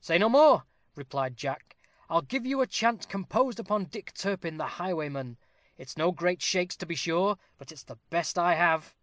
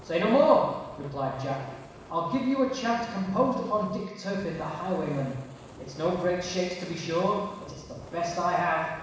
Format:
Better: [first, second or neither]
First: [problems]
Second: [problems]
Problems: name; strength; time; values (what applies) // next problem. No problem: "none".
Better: first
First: none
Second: background sound (Fire); 19 dB below the speech // room echo; dies away in 1.1 s